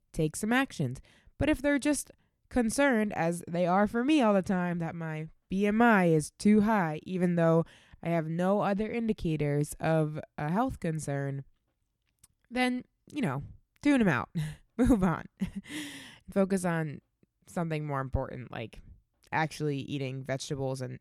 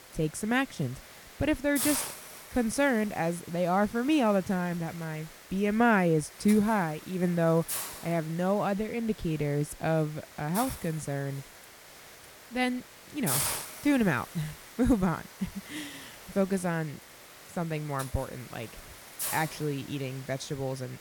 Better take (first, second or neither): first